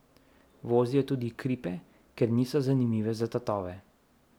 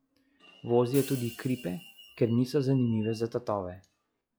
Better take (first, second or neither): first